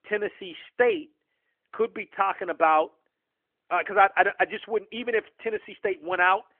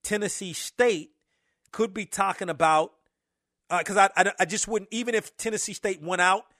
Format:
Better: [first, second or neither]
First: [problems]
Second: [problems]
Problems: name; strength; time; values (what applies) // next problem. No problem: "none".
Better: second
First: phone-call audio; nothing above 3 kHz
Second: none